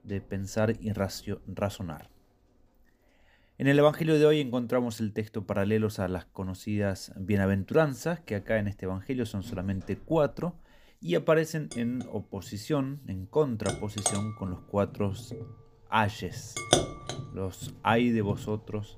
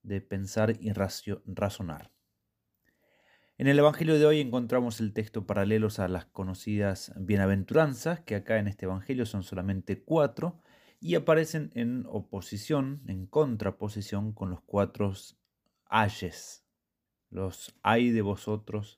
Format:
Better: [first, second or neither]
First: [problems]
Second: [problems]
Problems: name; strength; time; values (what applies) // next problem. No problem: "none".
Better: second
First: household noises; loud; throughout; 6 dB below the speech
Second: none